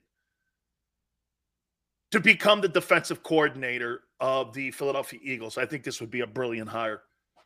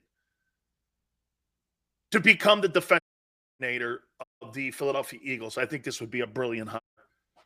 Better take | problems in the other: first | audio cutting out; at 3 s for 0.5 s, at 4 s and at 7 s

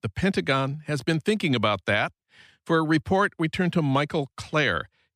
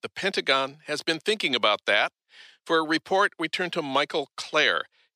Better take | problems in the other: first | thin; somewhat; fading below 450 Hz

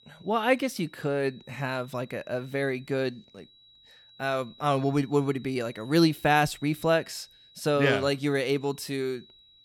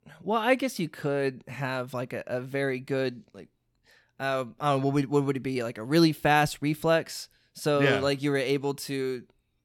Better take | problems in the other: second | high-pitched whine; faint; throughout; 4 kHz, 25 dB below the speech

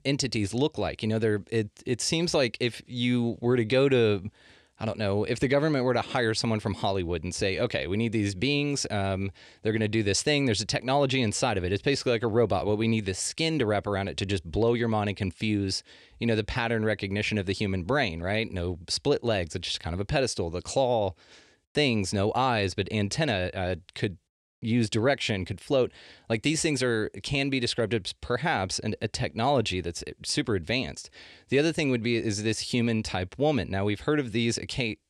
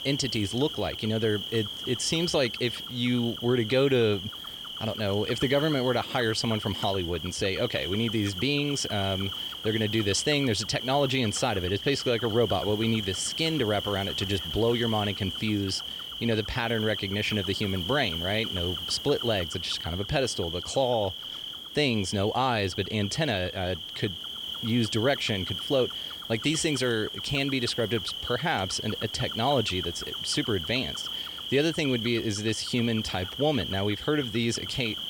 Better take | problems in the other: first | animal sounds; loud; throughout; 5 dB below the speech

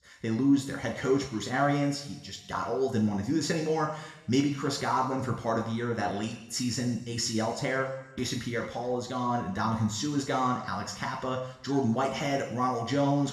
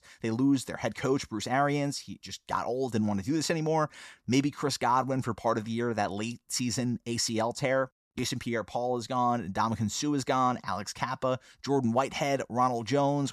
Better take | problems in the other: second | room echo; noticeable; dies away in 1 s // off-mic speech; somewhat distant

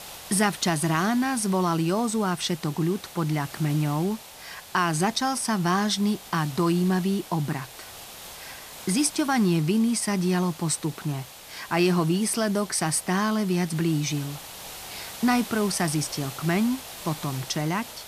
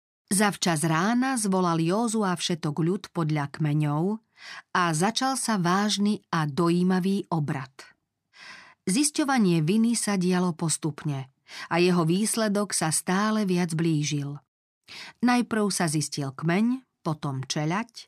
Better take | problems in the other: second | hiss; noticeable; throughout; 15 dB below the speech

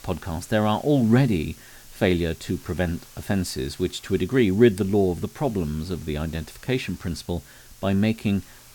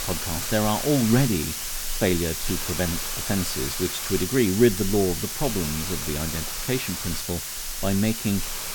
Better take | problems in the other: first | hiss; loud; throughout; 3 dB below the speech; faint in the first

